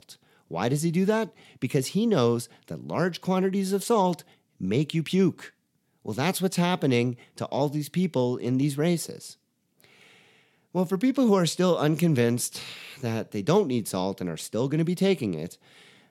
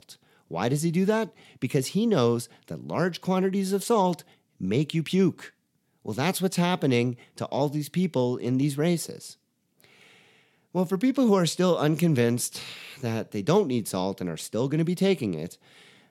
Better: neither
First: none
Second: none

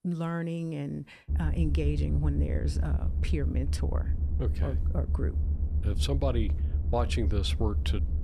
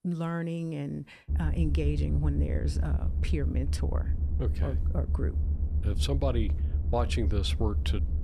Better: neither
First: low rumble; noticeable; from 1.5 s on; 10 dB below the speech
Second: low rumble; noticeable; from 1.5 s on; 10 dB below the speech

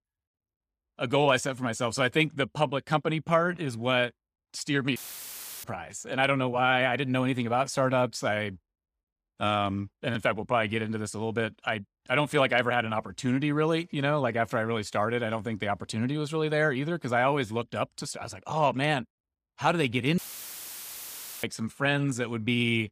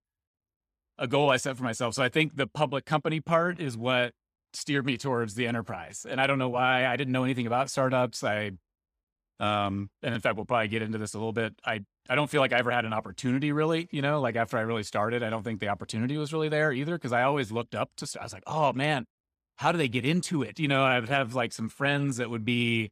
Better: second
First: audio cutting out; filled with static; at 5 s for 0.5 s and at 20 s for 1.5 s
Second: none

